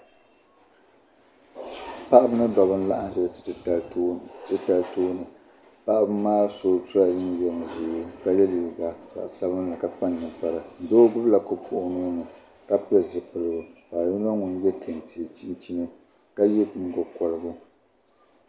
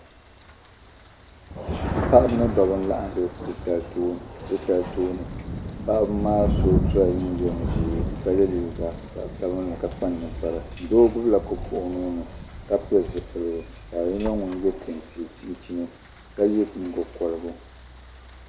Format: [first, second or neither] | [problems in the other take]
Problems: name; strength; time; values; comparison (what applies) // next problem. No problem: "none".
first | background sound (Tambourine + Thunder); 6 dB below the speech